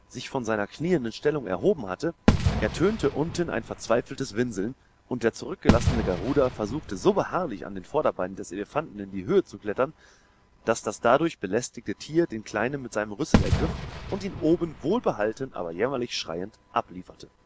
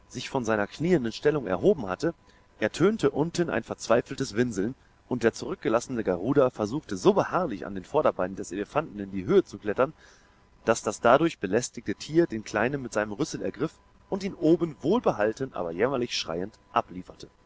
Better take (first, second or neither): second